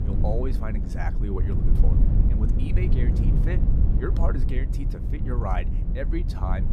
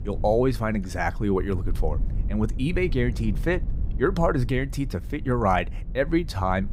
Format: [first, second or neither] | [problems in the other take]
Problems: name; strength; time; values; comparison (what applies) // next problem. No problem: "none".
second | low rumble; loud; throughout; 3 dB below the speech; faint in the second